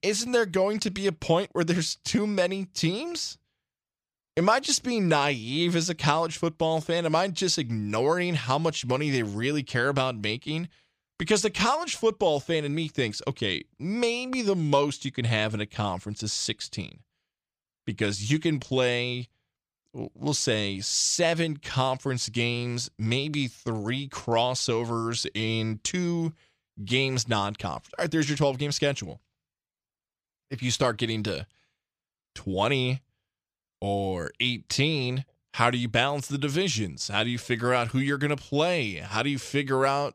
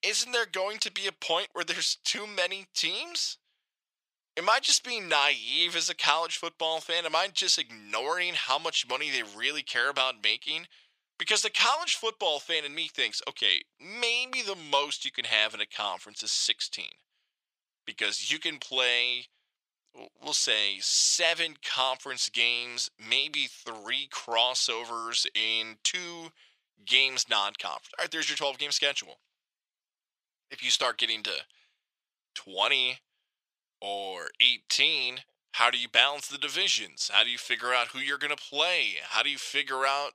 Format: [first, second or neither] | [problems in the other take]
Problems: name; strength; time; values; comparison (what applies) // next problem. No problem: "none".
first | thin; very; fading below 750 Hz